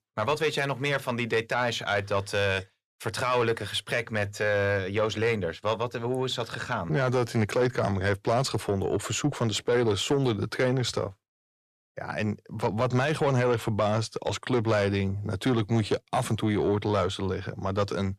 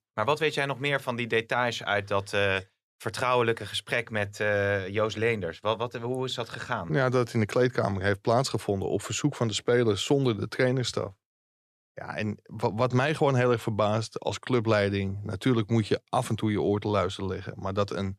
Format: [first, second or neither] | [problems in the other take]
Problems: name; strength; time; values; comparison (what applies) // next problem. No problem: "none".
second | distortion; slight; 10 dB below the speech